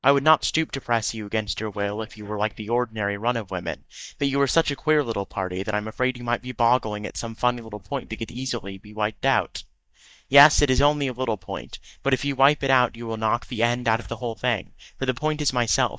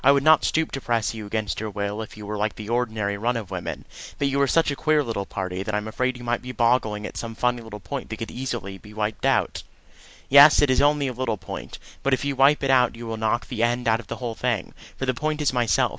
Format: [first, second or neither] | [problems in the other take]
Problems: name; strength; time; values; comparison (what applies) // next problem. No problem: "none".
second | noise reduction (neural mask model DeepFilterNet 3)